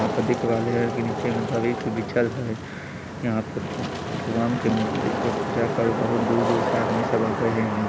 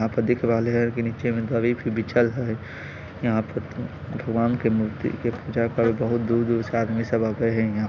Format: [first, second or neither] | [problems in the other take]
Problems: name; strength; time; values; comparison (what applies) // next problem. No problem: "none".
second | background sound (Wind / Rain); 2 dB below the speech